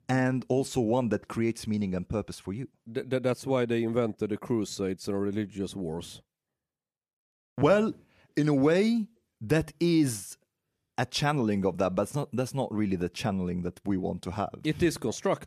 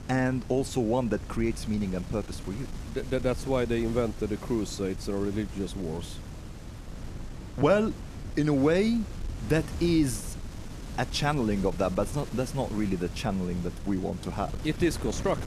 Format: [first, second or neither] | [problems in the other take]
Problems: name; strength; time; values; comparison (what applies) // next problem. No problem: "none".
first | wind noise on the microphone; occasional gusts; 15 dB below the speech